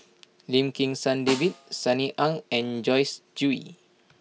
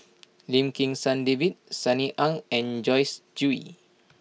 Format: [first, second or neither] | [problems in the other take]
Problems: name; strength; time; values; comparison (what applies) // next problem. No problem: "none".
second | background sound (Snare drum); 14 dB below the speech